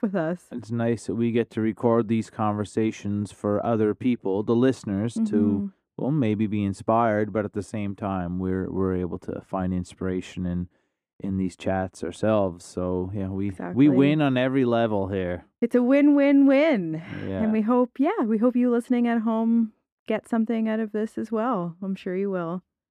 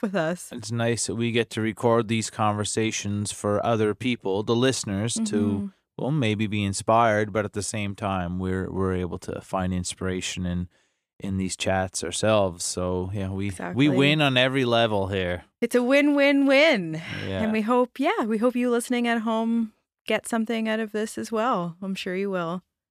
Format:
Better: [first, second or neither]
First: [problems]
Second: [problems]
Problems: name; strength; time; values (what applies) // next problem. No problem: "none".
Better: second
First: muffled; slightly; fading above 2.5 kHz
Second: none